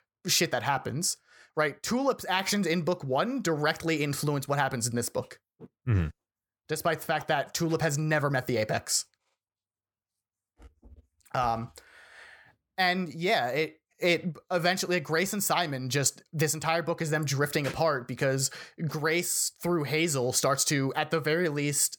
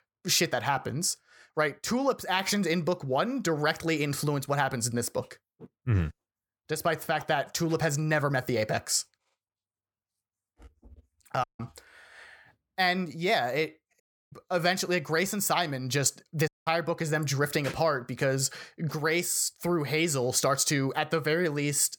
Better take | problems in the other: first | audio cutting out; at 11 s, at 14 s and at 16 s

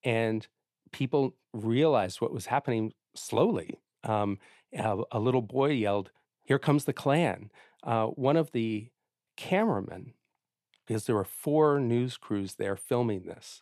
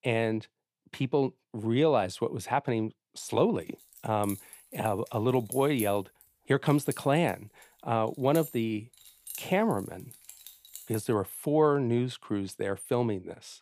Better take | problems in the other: first | jangling keys; noticeable; from 4 to 11 s; peak 8 dB below the speech

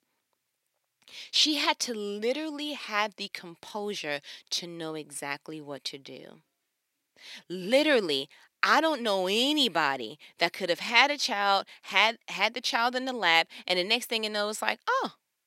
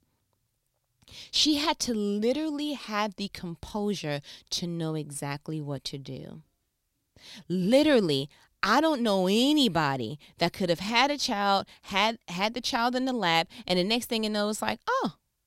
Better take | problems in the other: second | thin; somewhat; fading below 350 Hz

